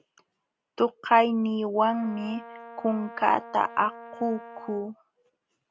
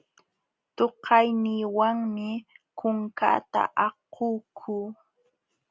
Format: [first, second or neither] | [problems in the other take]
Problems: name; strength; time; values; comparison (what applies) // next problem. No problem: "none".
second | background sound (Brass instrument); 17 dB below the speech